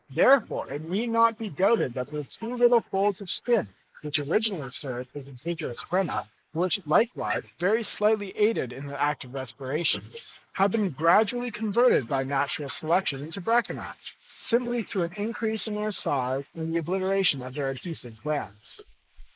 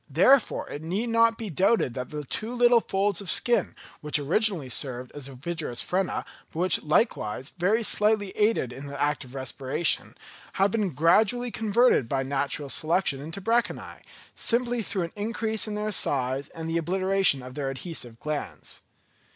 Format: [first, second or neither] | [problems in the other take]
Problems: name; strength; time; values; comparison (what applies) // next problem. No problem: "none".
second | noise reduction (neural mask model Resemble Enhance denoiser)